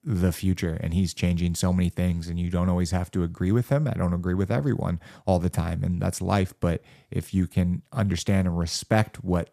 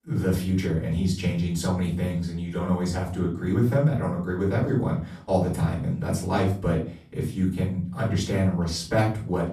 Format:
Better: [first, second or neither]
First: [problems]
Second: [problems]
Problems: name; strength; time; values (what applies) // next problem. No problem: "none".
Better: first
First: none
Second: off-mic speech; far // room echo; slight; dies away in 0.3 s